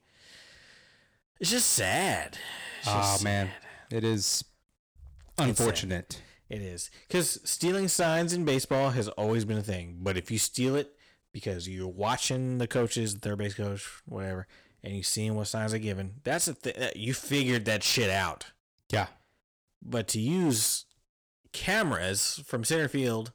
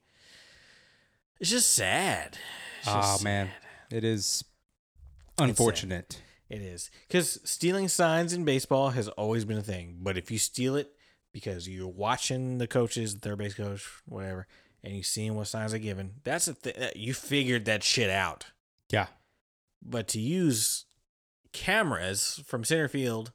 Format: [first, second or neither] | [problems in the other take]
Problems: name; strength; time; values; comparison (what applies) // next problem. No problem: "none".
second | distortion; slight; 6% of the sound clipped